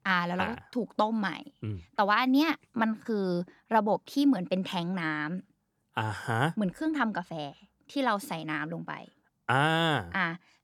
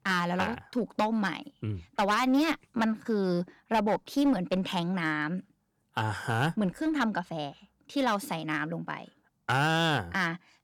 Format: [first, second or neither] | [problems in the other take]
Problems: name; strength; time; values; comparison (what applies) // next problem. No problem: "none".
first | distortion; slight; 7% of the sound clipped